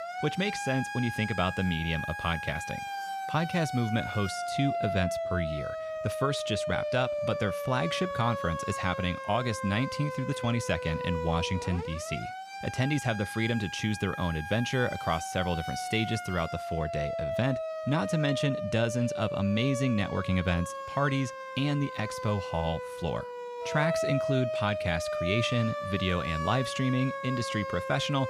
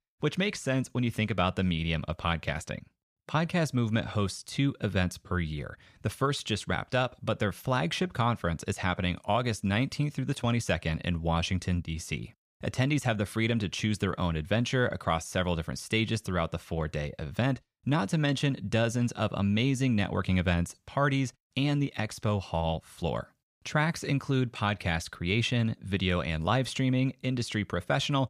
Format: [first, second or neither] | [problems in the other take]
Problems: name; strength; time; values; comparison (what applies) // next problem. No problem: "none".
second | alarms or sirens; loud; throughout; 5 dB below the speech